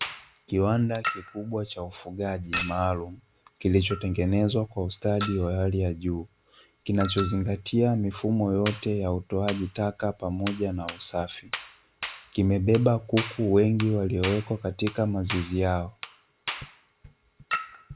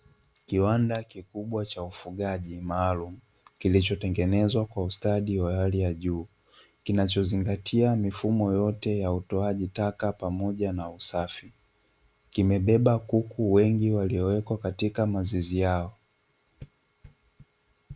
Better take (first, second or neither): second